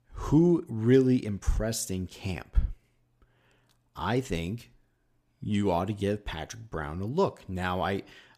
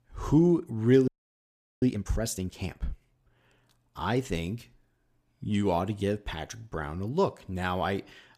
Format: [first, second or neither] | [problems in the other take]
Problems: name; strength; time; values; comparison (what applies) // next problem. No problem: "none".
first | audio freezing; at 1 s for 0.5 s